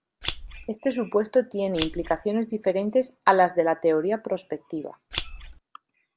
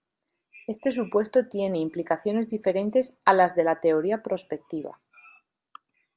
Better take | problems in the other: second | background sound (Scissors); 9 dB below the speech

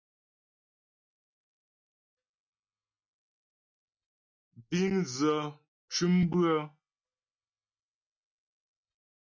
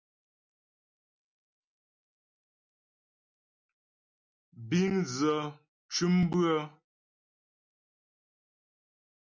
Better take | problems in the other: second | noise reduction (neural mask model DeepFilterNet 3)

